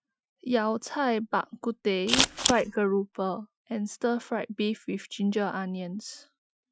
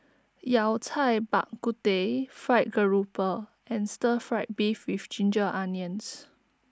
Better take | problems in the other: second | noise reduction (classical method Wiener filter)

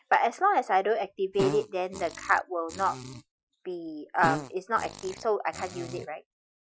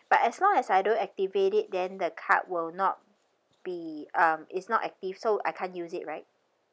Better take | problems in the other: second | noise reduction (classical method Wiener filter)

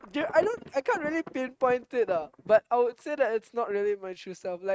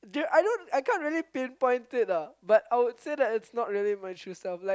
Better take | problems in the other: second | noise reduction (neural mask model RNNoise)

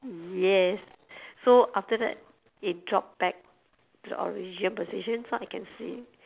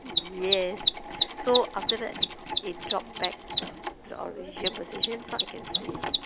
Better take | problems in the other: first | background sound (Mechanisms); 2 dB above the speech

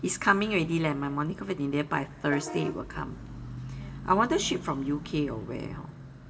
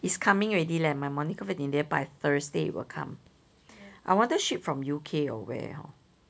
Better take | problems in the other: second | background sound (Bus / Vehicle horn, car horn, honking); 12 dB below the speech // room echo; dies away in 0.5 s

